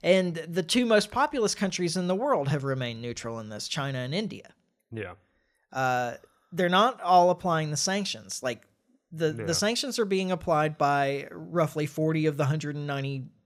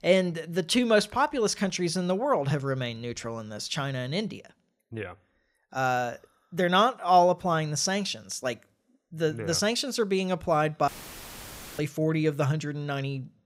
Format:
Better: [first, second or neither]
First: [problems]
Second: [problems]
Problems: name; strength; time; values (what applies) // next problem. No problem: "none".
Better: first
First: none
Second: audio cutting out; filled with static; at 11 s for 1 s